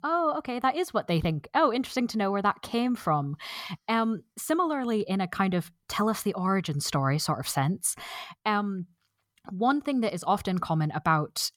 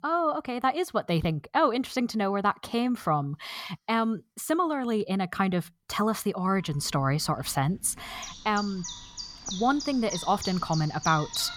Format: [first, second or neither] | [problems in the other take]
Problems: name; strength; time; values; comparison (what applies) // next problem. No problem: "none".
first | animal sounds; noticeable; from 6.5 s on; 10 dB below the speech